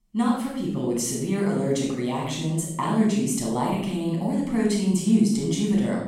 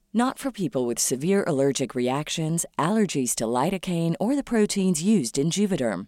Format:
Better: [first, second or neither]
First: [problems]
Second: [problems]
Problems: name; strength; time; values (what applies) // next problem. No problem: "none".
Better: second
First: room echo; noticeable; dies away in 0.7 s // off-mic speech; far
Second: none